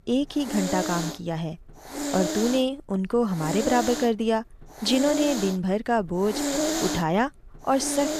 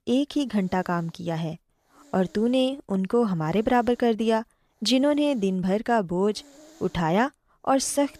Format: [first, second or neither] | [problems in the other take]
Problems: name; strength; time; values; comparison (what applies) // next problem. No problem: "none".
second | hiss; loud; throughout; 4 dB below the speech; faint in the second